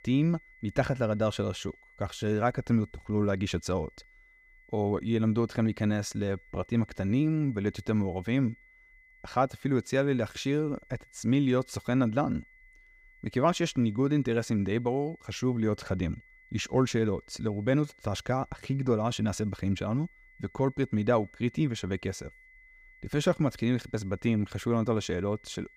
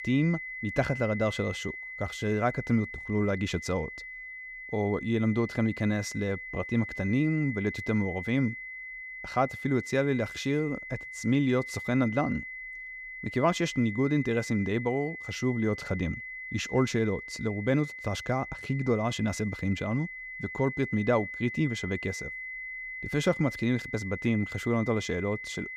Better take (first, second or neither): first